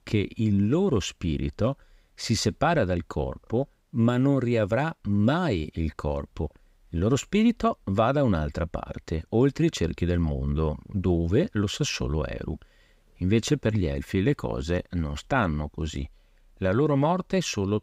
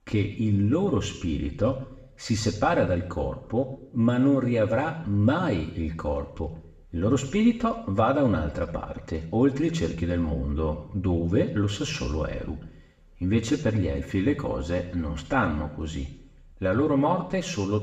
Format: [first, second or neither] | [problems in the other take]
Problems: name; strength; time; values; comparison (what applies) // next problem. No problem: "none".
first | room echo; slight; dies away in 0.7 s // off-mic speech; far